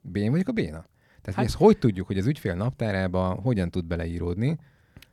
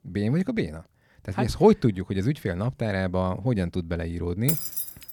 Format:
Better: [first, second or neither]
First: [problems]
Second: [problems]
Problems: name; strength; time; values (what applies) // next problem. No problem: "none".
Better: first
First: none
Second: jangling keys; loud; at 4.5 s; peak 1 dB above the speech